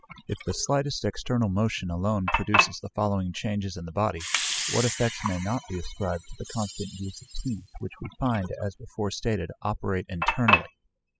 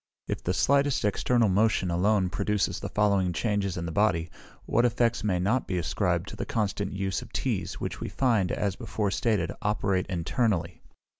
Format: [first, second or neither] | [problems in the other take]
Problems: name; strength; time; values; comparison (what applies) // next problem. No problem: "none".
second | noise reduction (classical method spectral subtraction)